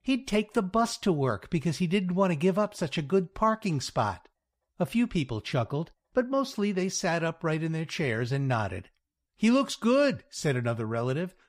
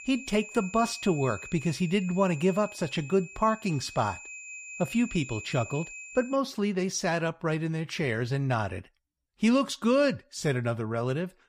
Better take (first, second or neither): first